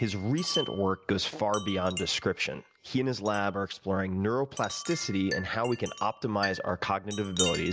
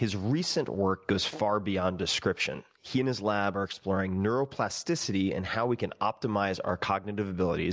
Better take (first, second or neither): second